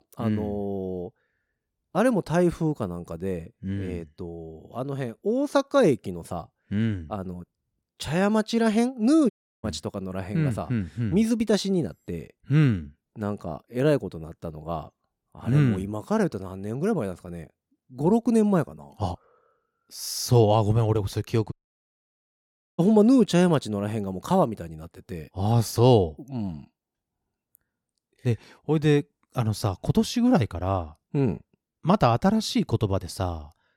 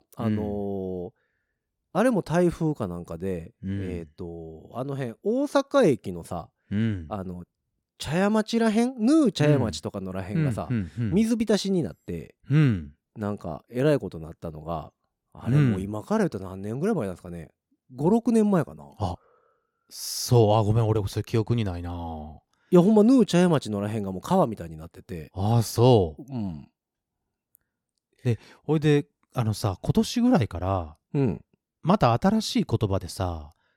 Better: second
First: audio cutting out; at 9.5 s and at 22 s for 1.5 s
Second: none

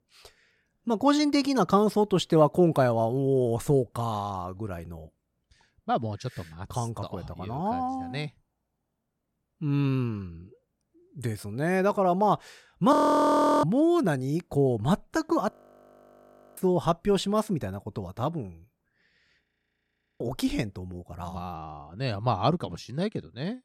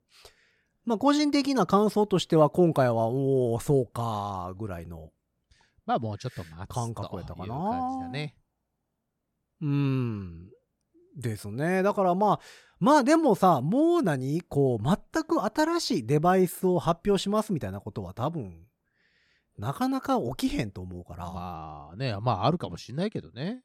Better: second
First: audio freezing; at 13 s for 0.5 s, at 16 s for 1 s and at 19 s for 1 s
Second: none

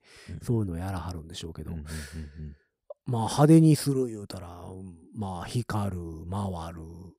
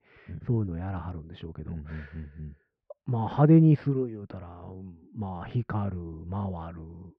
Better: first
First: none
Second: muffled; very; fading above 2.5 kHz

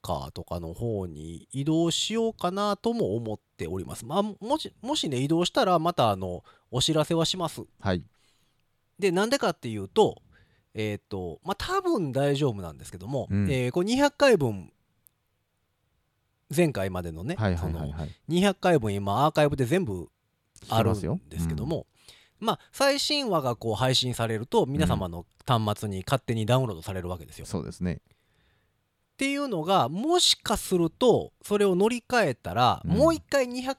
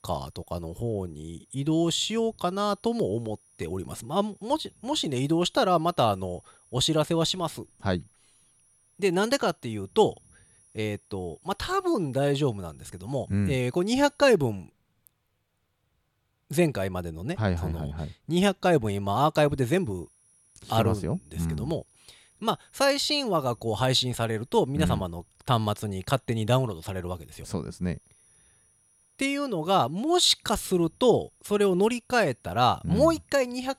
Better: first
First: none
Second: high-pitched whine; faint; until 14 s and from 19 s on; 10.5 kHz, 35 dB below the speech

